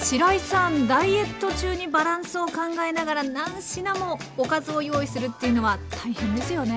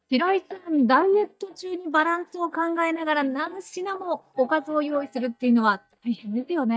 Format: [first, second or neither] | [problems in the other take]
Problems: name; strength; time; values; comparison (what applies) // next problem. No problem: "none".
first | noise reduction (neural mask model DeepFilterNet 3)